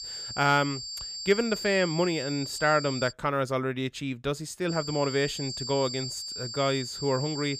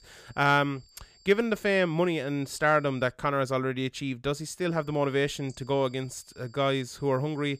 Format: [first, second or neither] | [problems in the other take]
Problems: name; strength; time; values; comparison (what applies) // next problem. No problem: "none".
second | high-pitched whine; loud; until 3 s and from 4.5 s on; 4.5 kHz, 7 dB below the speech; faint in the second